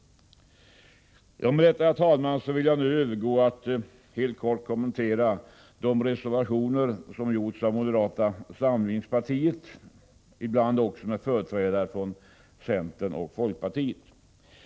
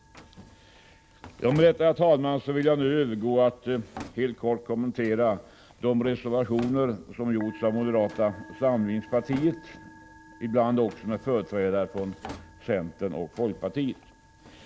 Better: first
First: none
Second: background sound (Drawer open or close + Musical instrument); 20 dB below the speech

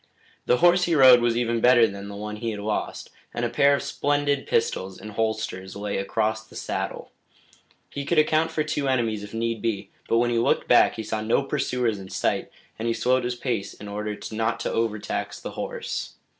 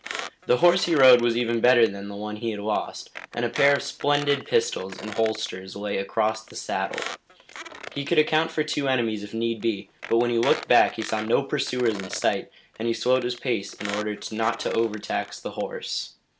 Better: first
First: none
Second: background sound (Squeak); 15 dB below the speech

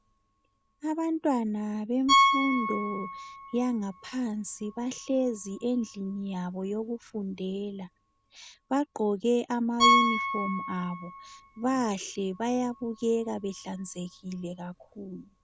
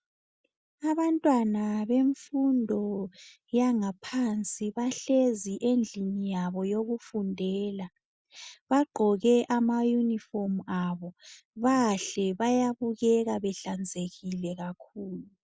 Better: second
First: background sound (Piano); 2 dB below the speech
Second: none

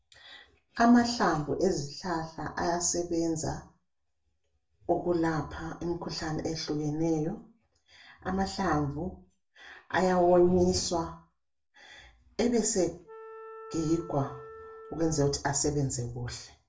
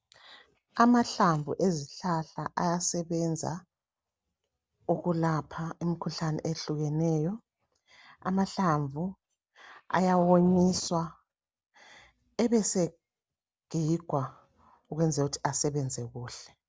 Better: second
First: background sound (Wind instrument, woodwind instrument); 17 dB below the speech // room echo; dies away in 0.3 s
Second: none

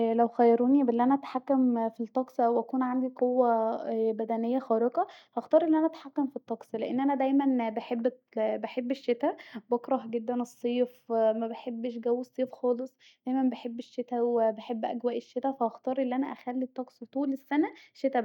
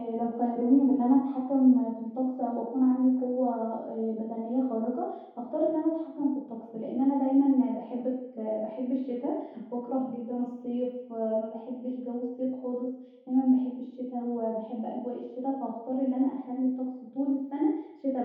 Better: first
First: none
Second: room echo; dies away in 0.8 s

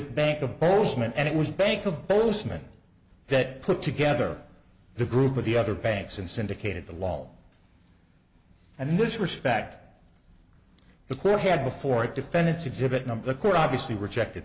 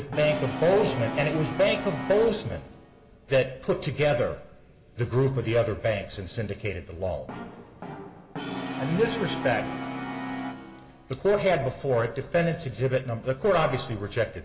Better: first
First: none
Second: background sound (Brass instrument); 10 dB below the speech // room echo; dies away in 2.1 s

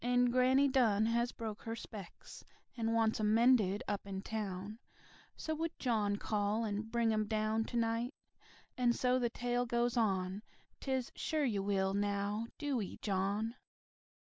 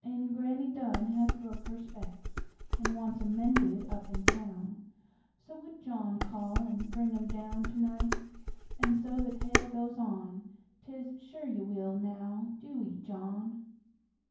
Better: first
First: none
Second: background sound (Dishes, pots, and pans); 1 dB above the speech // room echo; dies away in 0.9 s

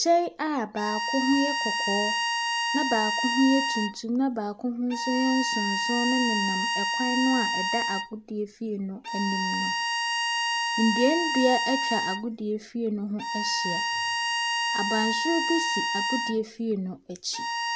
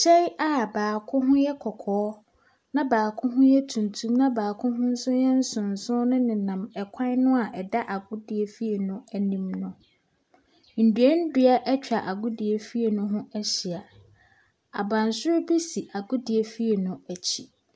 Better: second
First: background sound (Bowed string instrument); as loud as the speech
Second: none

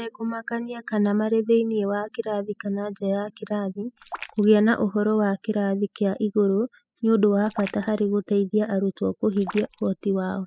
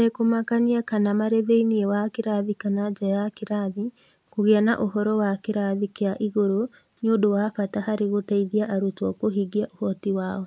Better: second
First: noise reduction (classical method spectral subtraction)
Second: none

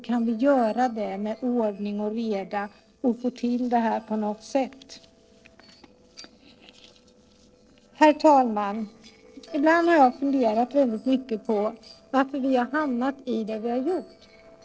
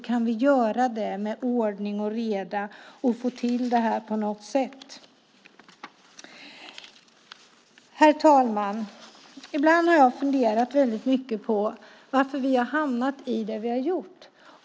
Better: second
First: noise reduction (neural separator model SepFormer DNS4)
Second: none

